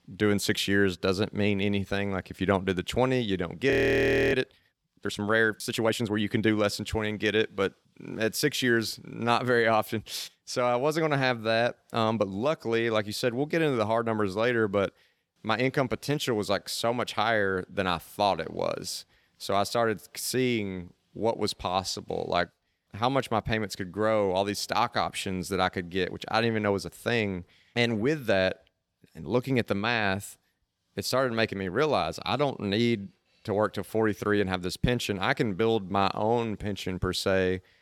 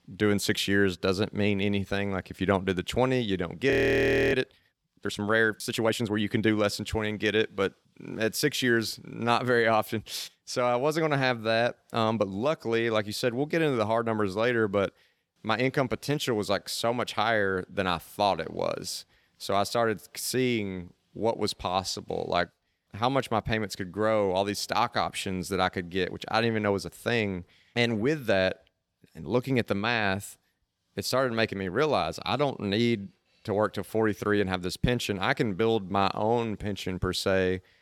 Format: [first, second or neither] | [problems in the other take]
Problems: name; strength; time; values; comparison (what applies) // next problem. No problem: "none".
neither | audio freezing; at 3.5 s for 0.5 s; the same in both